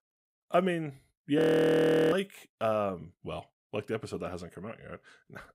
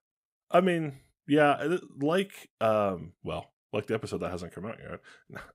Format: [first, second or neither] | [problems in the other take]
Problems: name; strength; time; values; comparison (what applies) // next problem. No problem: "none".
second | audio freezing; at 1.5 s for 0.5 s